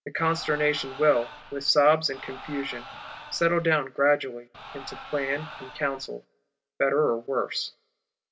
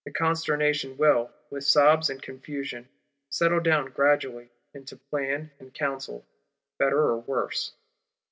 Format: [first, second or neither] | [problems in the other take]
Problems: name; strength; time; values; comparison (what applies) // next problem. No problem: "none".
second | background sound (Crowd); 15 dB below the speech